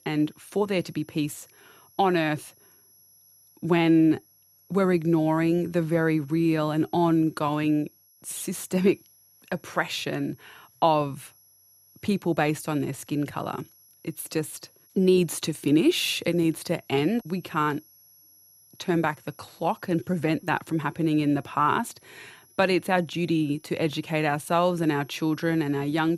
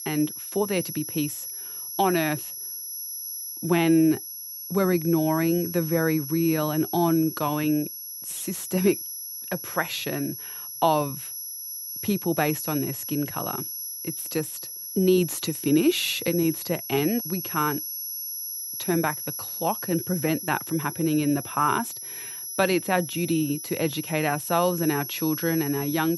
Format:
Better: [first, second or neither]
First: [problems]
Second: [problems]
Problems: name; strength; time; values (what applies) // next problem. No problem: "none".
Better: first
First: high-pitched whine; faint; throughout; 11.5 kHz, 30 dB below the speech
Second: high-pitched whine; loud; throughout; 11.5 kHz, 7 dB below the speech